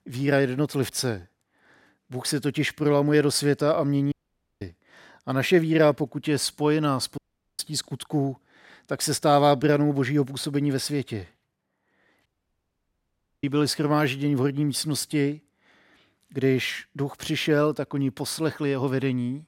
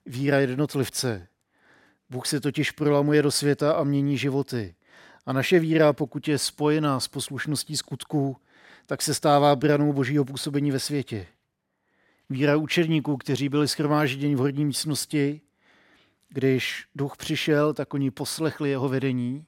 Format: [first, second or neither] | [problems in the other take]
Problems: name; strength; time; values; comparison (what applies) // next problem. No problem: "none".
second | audio cutting out; at 4 s, at 7 s and at 12 s for 1 s